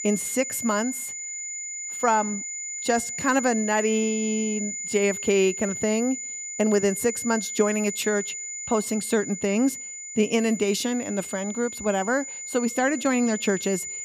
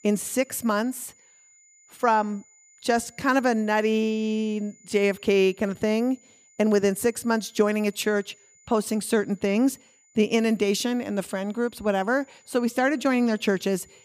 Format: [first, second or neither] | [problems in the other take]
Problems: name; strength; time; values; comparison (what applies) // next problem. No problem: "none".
second | high-pitched whine; loud; throughout; 7 kHz, 6 dB below the speech; faint in the second